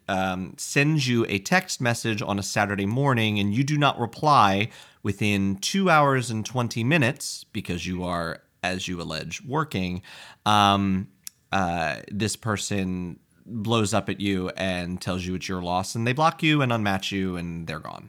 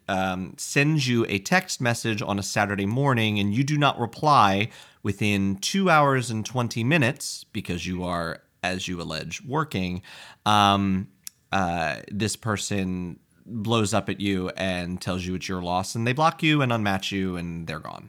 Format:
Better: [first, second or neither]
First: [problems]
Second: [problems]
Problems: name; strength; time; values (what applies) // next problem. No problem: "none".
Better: neither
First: none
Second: none